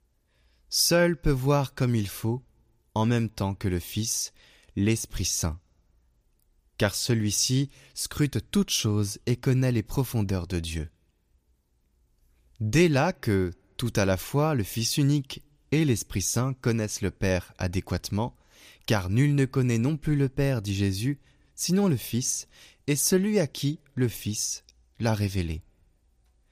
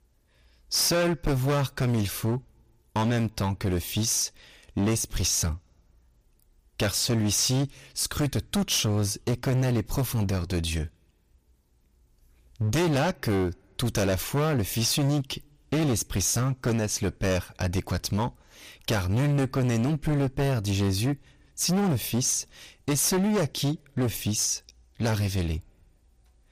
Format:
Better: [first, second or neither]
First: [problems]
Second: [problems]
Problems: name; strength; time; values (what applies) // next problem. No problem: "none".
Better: first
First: none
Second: distortion; heavy; 17% of the sound clipped